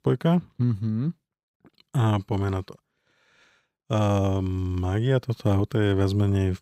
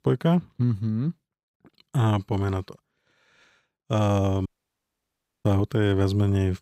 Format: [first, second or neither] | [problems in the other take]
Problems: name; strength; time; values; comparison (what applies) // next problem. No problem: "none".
first | audio cutting out; at 4.5 s for 1 s